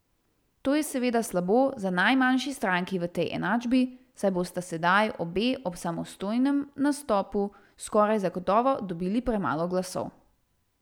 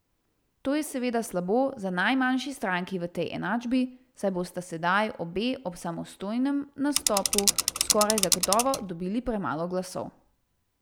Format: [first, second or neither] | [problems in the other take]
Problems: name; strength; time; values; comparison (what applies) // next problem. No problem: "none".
first | background sound (Mechanisms / Bicycle); 1 dB above the speech